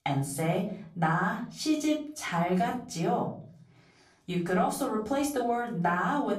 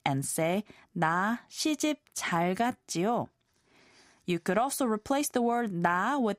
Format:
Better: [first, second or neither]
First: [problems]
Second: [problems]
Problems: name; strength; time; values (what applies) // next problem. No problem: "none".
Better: second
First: room echo; slight; dies away in 0.7 s // off-mic speech; far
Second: none